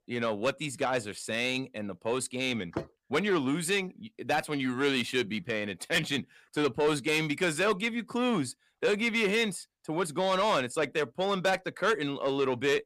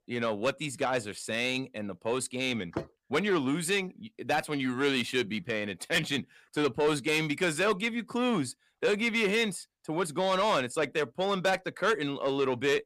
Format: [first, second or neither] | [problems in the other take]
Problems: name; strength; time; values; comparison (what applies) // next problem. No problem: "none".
neither | distortion; slight; 10 dB below the speech; the same in both